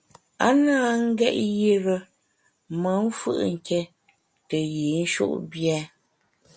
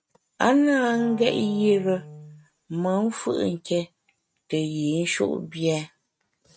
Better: first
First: none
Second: noise reduction (neural mask model RNNoise)

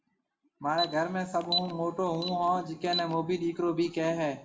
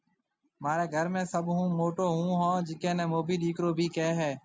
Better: second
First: background sound (Alarm); 9 dB below the speech // room echo; dies away in 0.5 s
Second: none

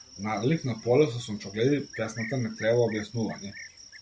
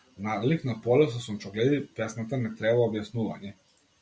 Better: second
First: background sound (Cricket); 17 dB below the speech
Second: none

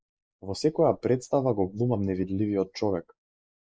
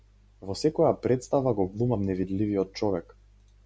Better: second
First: noise reduction (neural mask model Resemble Enhance denoiser)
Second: none

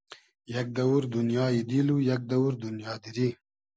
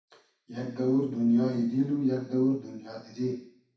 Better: first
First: none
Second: room echo; dies away in 0.6 s

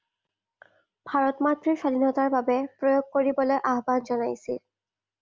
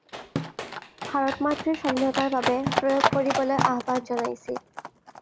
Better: first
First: none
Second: background sound (Drum / Drum kit + Livestock, farm animals, working animals); 3 dB below the speech

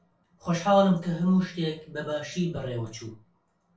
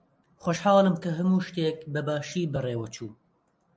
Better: second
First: room echo; dies away in 0.3 s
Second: none

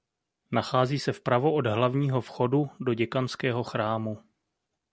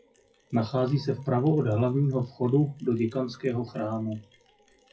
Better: first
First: none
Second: noise reduction (classical method WPE with log-MMSE)

